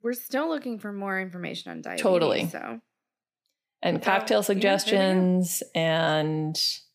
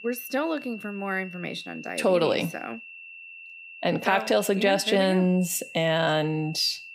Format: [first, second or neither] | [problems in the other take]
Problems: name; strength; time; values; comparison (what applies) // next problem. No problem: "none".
first | high-pitched whine; noticeable; throughout; 2.5 kHz, 15 dB below the speech